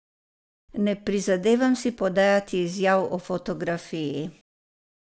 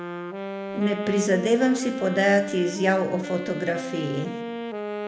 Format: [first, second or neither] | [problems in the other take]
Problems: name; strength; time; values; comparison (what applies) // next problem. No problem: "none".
first | background sound (Wind instrument, woodwind instrument); 8 dB below the speech // room echo; dies away in 0.7 s